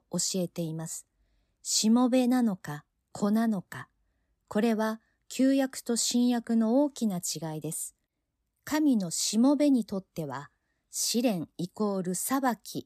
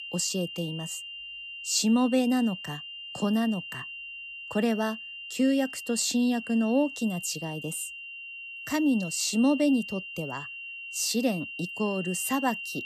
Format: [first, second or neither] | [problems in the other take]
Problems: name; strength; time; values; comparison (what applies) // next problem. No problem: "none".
first | high-pitched whine; loud; throughout; 3 kHz, 10 dB below the speech